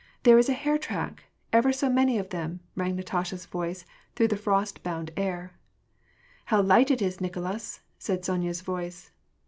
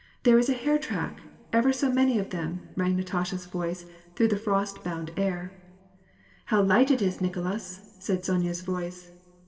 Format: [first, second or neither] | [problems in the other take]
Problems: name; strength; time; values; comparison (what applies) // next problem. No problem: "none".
first | room echo; dies away in 1.6 s